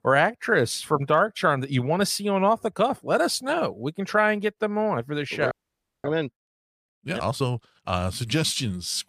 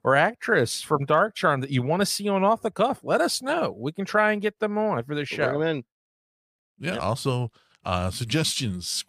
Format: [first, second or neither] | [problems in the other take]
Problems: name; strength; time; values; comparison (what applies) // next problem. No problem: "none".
second | audio freezing; at 5.5 s for 0.5 s